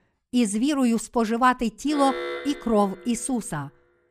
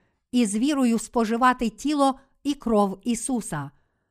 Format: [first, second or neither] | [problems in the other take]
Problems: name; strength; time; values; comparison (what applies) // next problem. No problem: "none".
second | alarm; noticeable; from 2 to 3 s; peak 6 dB below the speech